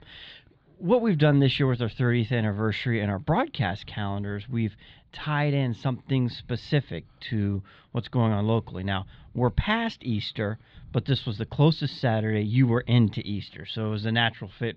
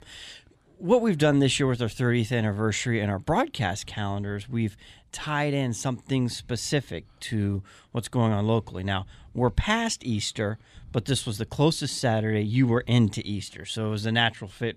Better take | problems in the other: second | muffled; very slightly; fading above 4 kHz

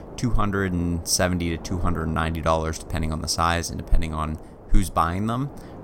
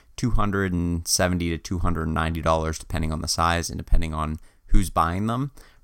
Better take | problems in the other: second | wind noise on the microphone; occasional gusts; 20 dB below the speech

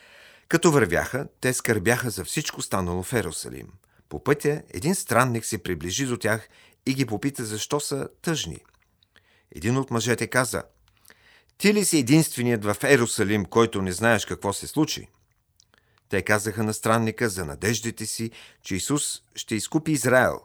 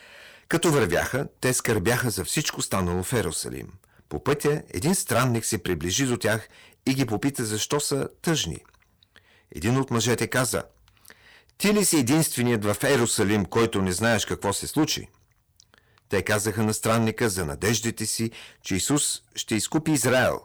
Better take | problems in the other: first | distortion; heavy; 7% of the sound clipped

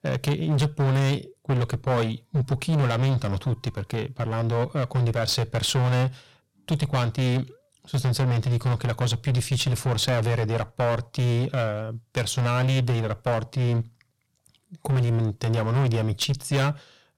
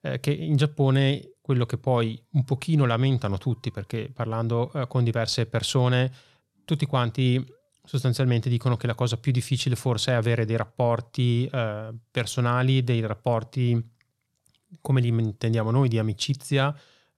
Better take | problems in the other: second | distortion; heavy; 17% of the sound clipped

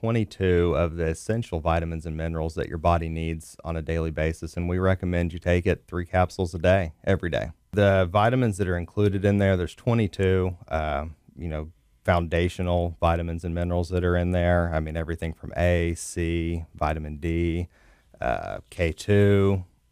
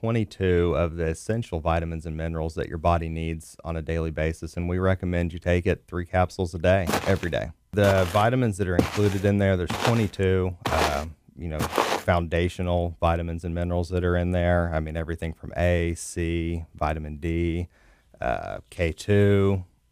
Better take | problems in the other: first | footsteps; loud; from 7 to 12 s; peak 1 dB above the speech

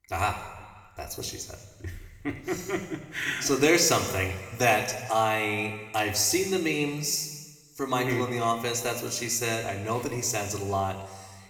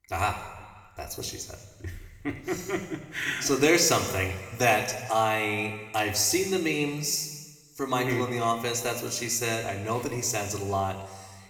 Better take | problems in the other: neither | room echo; noticeable; dies away in 1.2 s; the same in both // off-mic speech; somewhat distant; the same in both

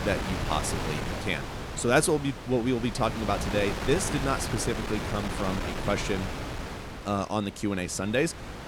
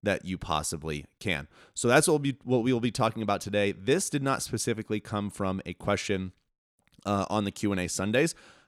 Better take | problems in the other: second | wind noise on the microphone; heavy; 5 dB below the speech

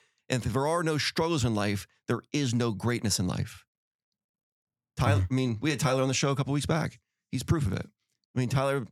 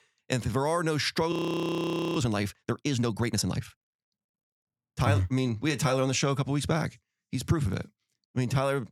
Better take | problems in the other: first | audio freezing; at 1.5 s for 1 s

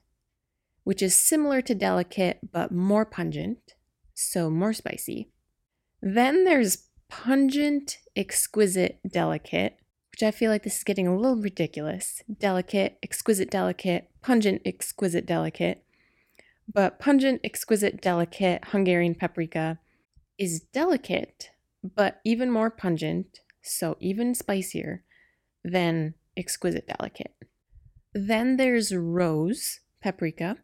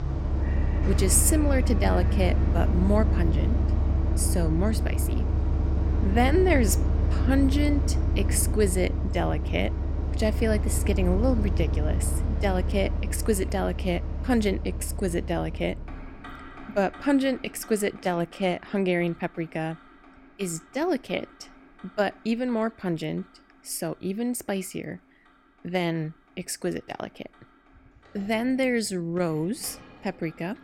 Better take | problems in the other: first | traffic noise; very loud; throughout; 1 dB above the speech

